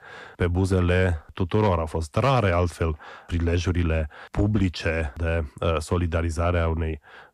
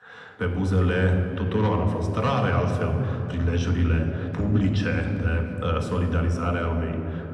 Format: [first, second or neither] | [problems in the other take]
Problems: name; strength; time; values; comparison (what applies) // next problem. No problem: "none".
first | room echo; noticeable; dies away in 3 s // off-mic speech; somewhat distant